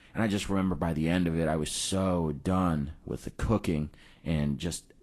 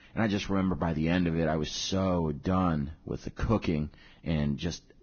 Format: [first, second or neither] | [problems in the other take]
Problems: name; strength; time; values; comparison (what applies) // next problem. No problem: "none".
first | garbled, watery; badly; nothing above 6.5 kHz; slightly in the first